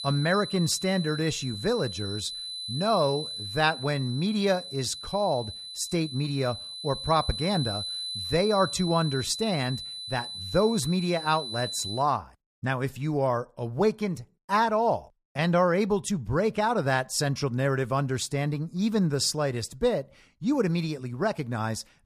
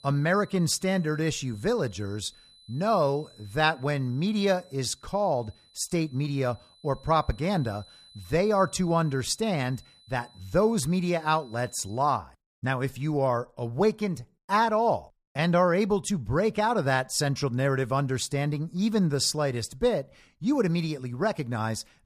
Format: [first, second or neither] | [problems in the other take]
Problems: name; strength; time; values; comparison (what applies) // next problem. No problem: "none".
second | high-pitched whine; loud; until 12 s; 4 kHz, 7 dB below the speech; faint in the second